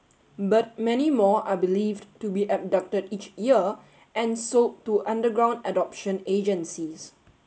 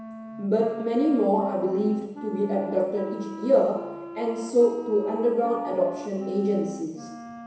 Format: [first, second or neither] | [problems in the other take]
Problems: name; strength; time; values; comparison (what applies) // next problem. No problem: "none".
first | background sound (Wind instrument, woodwind instrument); 14 dB below the speech // room echo; dies away in 1 s